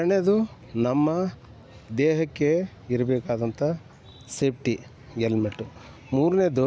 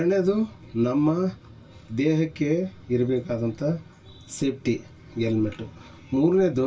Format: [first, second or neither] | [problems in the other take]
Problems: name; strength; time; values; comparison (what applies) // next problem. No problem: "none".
first | room echo; dies away in 0.2 s